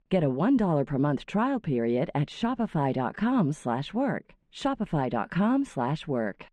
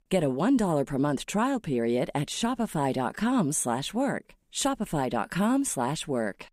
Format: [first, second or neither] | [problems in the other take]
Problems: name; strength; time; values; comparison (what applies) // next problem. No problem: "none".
second | muffled; slightly; fading above 2.5 kHz